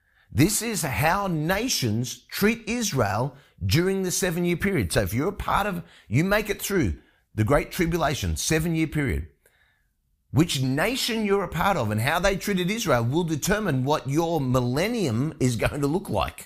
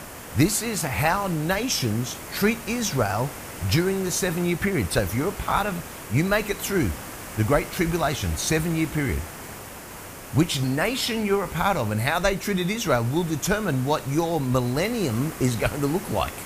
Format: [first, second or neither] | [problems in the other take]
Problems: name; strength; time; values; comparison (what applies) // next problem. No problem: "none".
first | hiss; noticeable; throughout; 15 dB below the speech